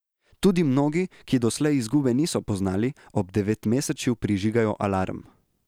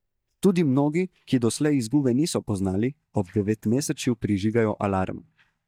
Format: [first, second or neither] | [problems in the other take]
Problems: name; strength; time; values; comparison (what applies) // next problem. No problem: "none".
first | noise reduction (neural mask model DeepFilterNet 3)